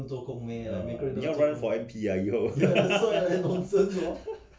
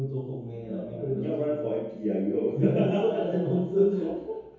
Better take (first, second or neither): first